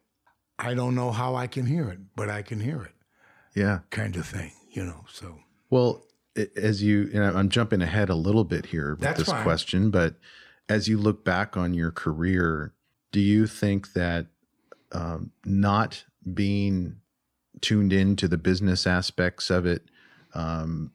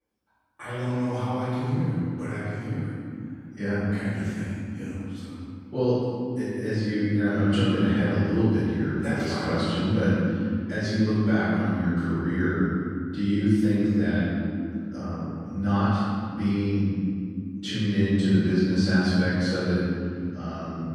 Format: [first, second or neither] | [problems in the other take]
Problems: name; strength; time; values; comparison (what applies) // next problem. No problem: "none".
first | off-mic speech; far // room echo; strong; dies away in 3 s